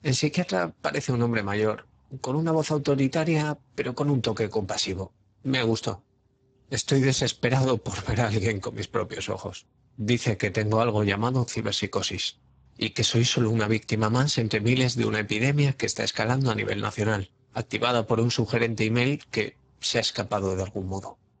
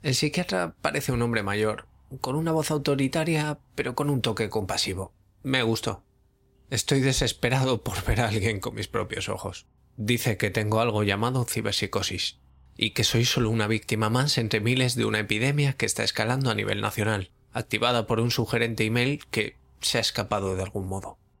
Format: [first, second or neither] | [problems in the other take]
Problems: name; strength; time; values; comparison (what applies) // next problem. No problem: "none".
second | garbled, watery; badly; nothing above 7.5 kHz